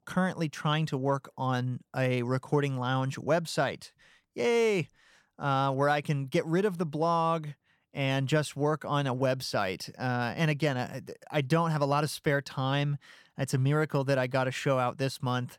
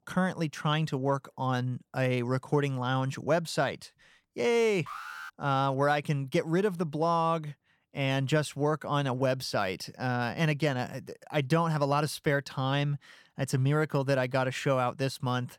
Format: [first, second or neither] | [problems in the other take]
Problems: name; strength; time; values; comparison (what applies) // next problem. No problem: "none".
first | alarm; faint; at 5 s; peak 10 dB below the speech